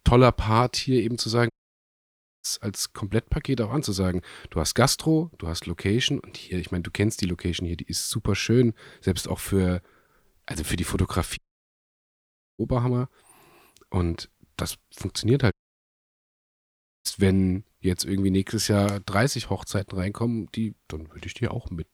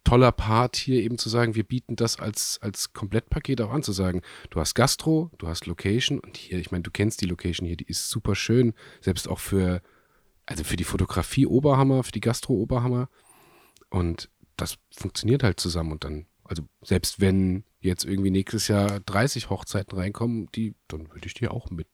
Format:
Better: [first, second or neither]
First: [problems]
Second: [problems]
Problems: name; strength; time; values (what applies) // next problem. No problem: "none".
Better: second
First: audio cutting out; at 1.5 s for 1 s, at 11 s for 1 s and at 16 s for 1.5 s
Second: none